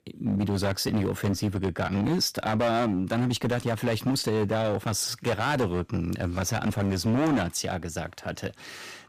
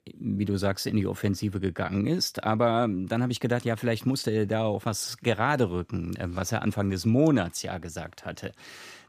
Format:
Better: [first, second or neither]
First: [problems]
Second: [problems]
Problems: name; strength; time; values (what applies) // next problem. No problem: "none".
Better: second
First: distortion; heavy; 11% of the sound clipped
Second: none